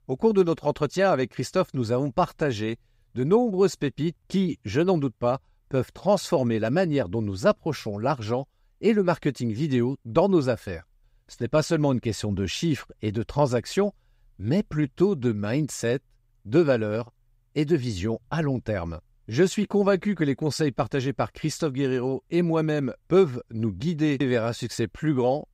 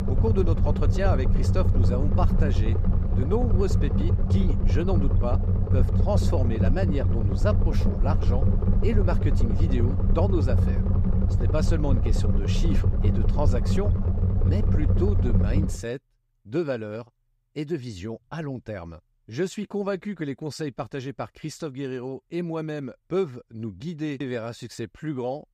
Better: first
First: none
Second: low rumble; loud; until 16 s; 3 dB below the speech

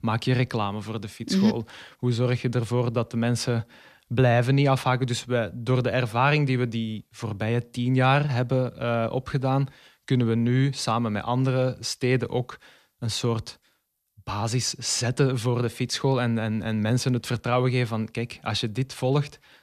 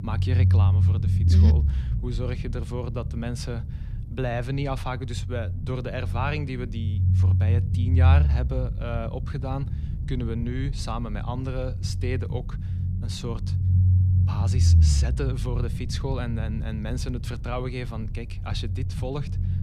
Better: first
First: none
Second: low rumble; loud; throughout; 6 dB below the speech

